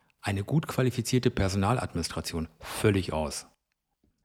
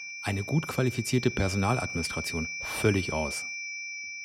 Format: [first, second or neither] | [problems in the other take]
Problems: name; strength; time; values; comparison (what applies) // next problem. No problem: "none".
first | high-pitched whine; loud; throughout; 2.5 kHz, 5 dB below the speech